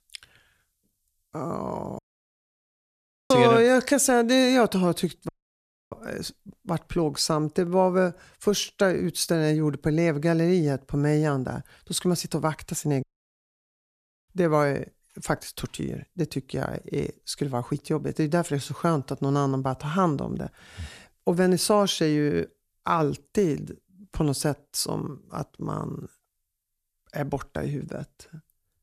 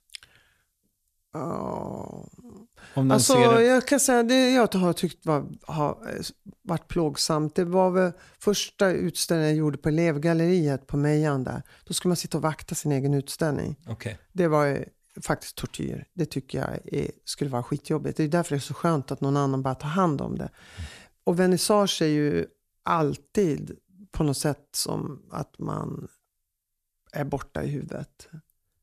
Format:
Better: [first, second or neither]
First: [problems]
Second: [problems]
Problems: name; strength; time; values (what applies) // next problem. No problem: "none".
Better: second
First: audio cutting out; at 2 s for 1.5 s, at 5.5 s for 0.5 s and at 13 s for 1.5 s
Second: none